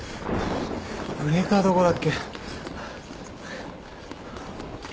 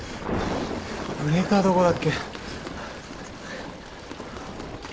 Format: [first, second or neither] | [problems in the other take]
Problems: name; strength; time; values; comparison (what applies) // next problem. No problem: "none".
first | background sound (Toilet flush); 19 dB below the speech